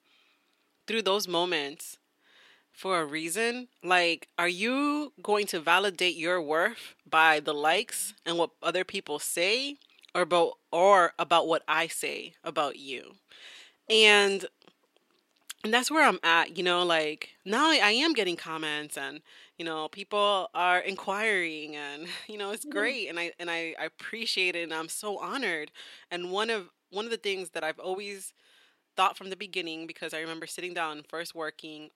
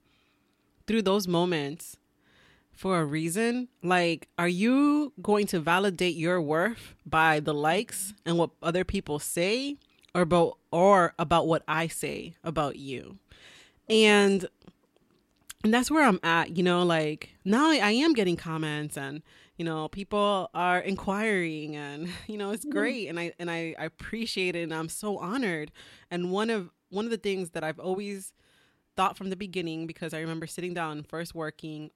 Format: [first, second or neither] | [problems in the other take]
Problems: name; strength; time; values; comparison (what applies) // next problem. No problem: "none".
second | thin; somewhat; fading below 400 Hz